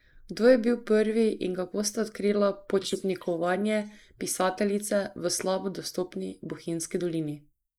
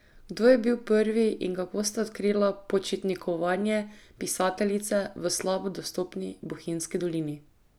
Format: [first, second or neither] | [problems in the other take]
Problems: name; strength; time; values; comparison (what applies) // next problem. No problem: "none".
second | noise reduction (neural mask model Resemble Enhance denoiser)